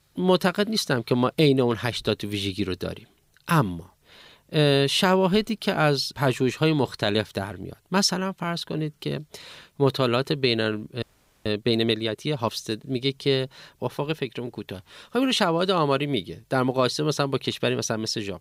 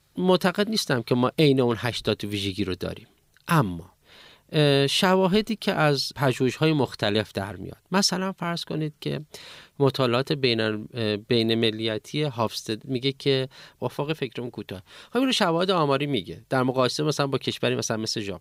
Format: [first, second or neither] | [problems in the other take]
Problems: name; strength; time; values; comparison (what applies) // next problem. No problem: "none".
second | audio freezing; at 11 s